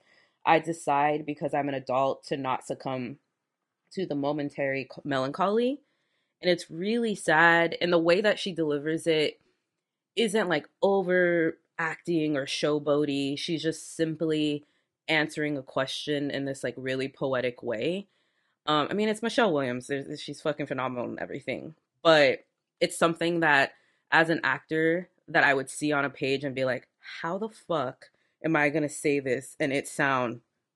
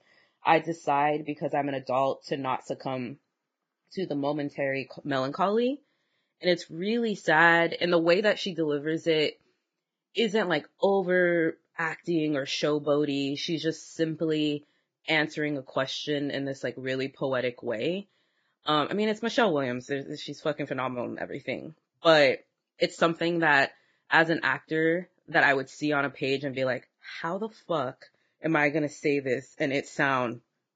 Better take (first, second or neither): first